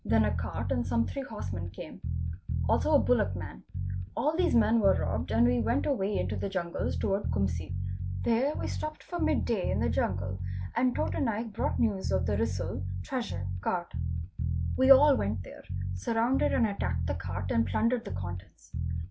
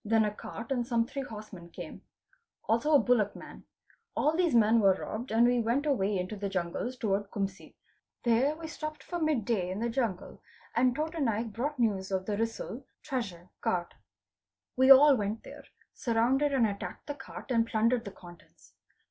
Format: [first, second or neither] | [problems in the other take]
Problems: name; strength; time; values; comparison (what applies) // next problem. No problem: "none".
second | background sound (Bass guitar); 2 dB below the speech